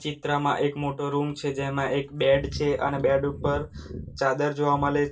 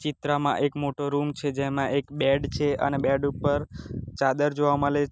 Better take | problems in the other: second | room echo; dies away in 0.2 s

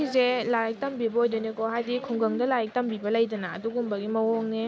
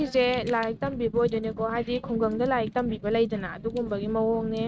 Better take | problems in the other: first | noise reduction (neural mask model RNNoise)

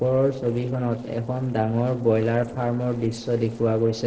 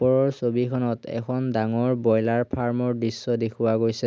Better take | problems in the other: second | noise reduction (neural separator model SepFormer DNS4)

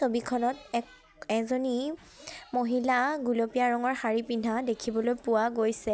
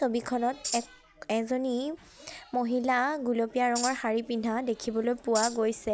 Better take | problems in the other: first | background sound (Tambourine); 7 dB below the speech

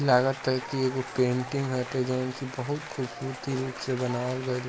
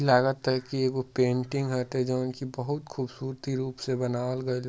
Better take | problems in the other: second | background sound (Applause / Cheering); 12 dB below the speech

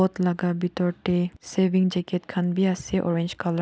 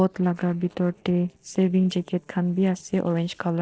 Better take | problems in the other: first | noise reduction (neural separator model SepFormer DNS4)

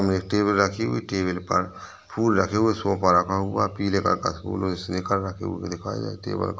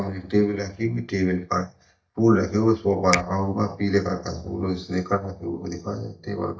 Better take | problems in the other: first | noise reduction (neural mask model DeepFilterNet 3)

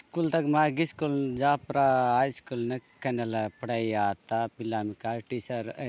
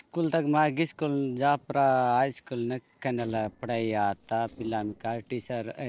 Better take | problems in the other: first | noise reduction (neural separator model SepFormer DNS4)

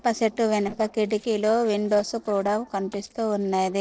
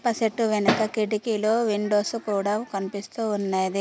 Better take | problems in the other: second | noise reduction (neural separator model SepFormer DNS4)

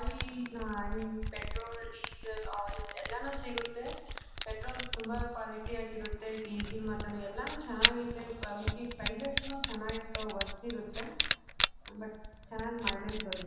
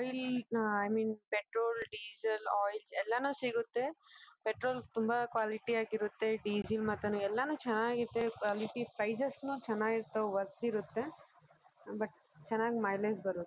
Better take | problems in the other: second | background sound (Camera); 2 dB above the speech // room echo; dies away in 1.1 s

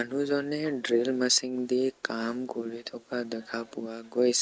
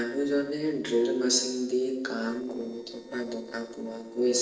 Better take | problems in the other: first | noise reduction (neural separator model SepFormer DNS4)

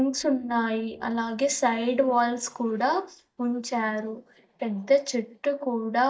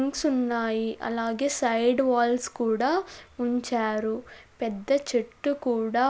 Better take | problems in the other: second | noise reduction (neural mask model DeepFilterNet 3)

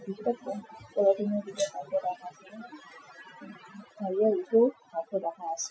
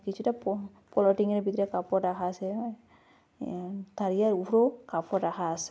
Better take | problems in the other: second | noise reduction (classical method Wiener filter)

